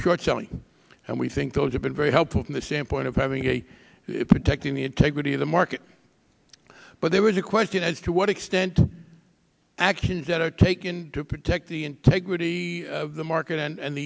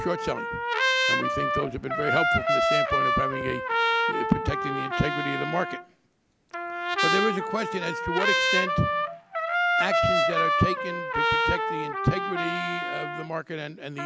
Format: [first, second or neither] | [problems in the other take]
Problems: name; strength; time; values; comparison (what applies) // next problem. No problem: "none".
first | background sound (Trumpet); 5 dB above the speech